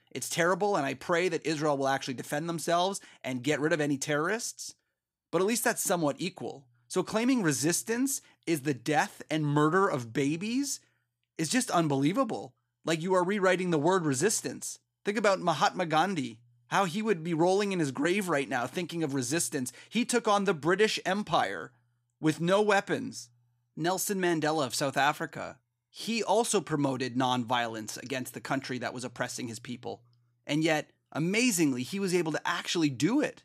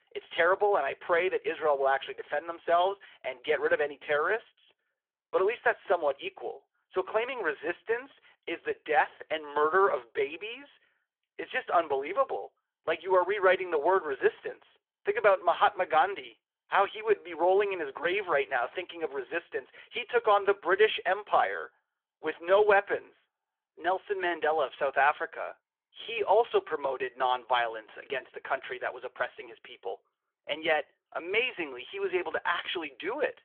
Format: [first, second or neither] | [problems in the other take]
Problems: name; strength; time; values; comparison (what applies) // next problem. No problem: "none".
first | phone-call audio; nothing above 3.5 kHz